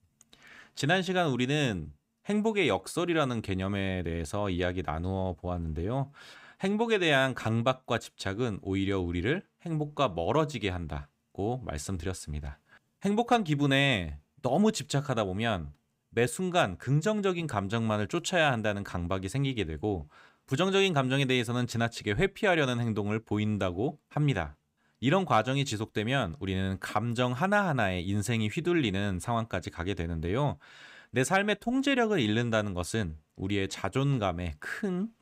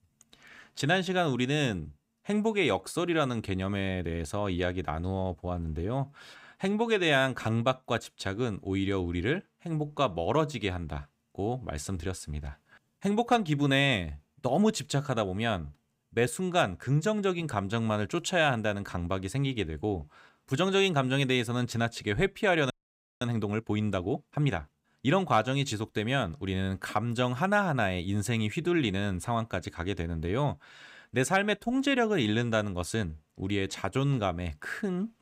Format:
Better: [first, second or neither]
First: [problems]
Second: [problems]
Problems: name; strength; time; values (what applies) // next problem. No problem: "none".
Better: first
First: none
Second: audio freezing; at 23 s for 0.5 s